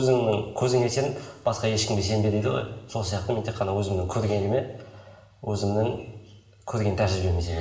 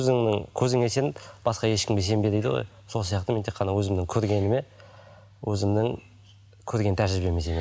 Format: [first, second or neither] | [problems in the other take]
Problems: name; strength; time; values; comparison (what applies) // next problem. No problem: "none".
second | room echo; dies away in 0.8 s